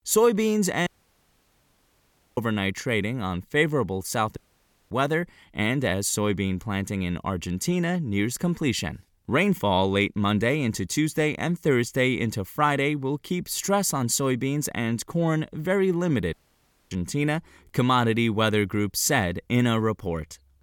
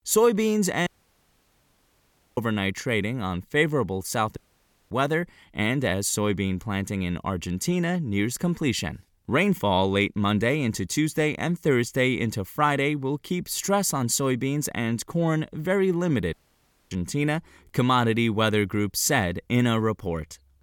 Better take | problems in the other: neither | audio cutting out; at 1 s for 1.5 s, at 4.5 s for 0.5 s and at 16 s for 0.5 s; the same in both

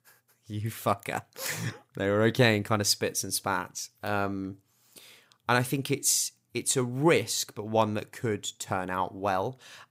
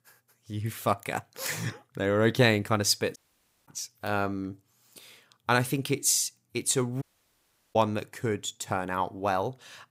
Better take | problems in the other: first | audio cutting out; at 3 s for 0.5 s and at 7 s for 0.5 s

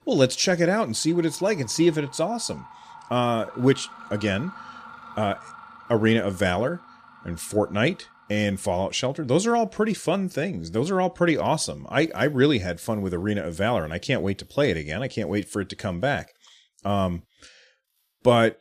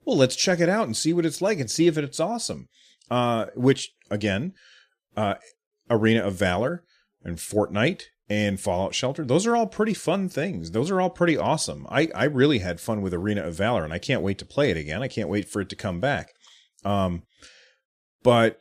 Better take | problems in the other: second | machinery noise; faint; throughout; 20 dB below the speech

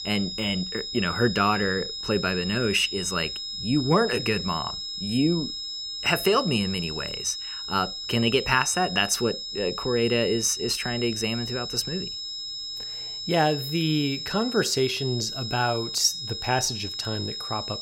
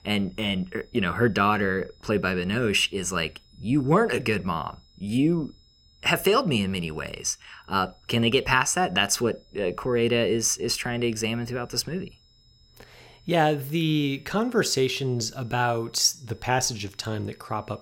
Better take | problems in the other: second | high-pitched whine; loud; throughout; 5 kHz, 5 dB below the speech; faint in the second

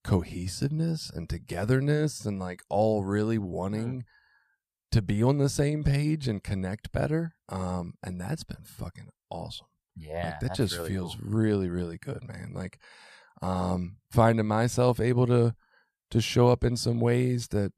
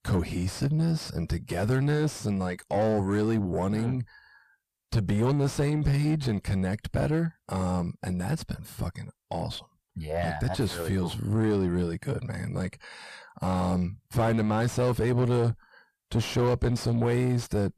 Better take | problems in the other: first | distortion; heavy; 6 dB below the speech

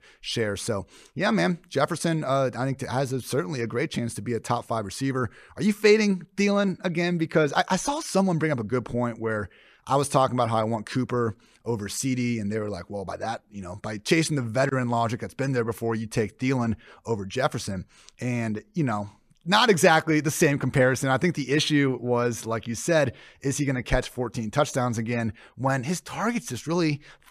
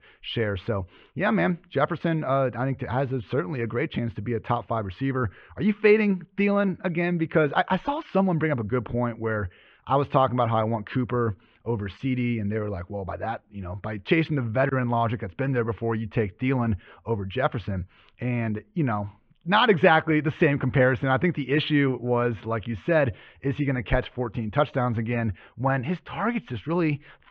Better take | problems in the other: first | muffled; very; fading above 3 kHz

